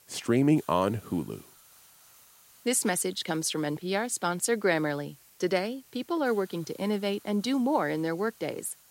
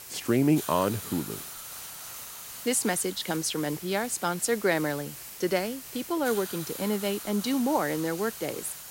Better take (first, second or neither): first